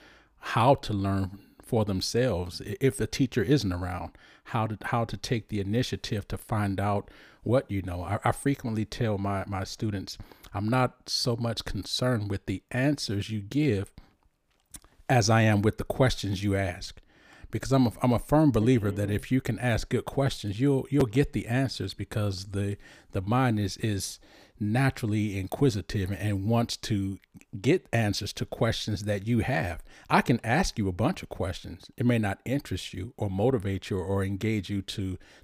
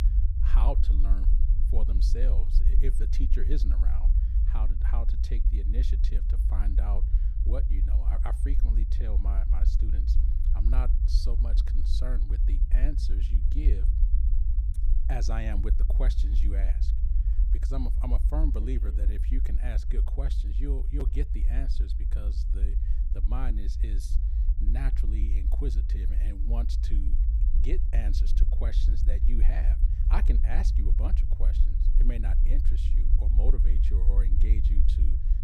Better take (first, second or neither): first